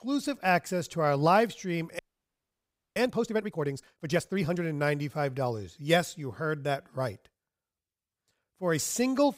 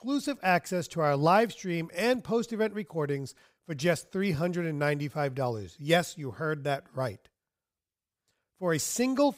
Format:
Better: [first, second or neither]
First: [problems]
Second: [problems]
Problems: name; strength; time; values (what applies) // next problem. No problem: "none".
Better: second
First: audio freezing; at 2 s for 1 s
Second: none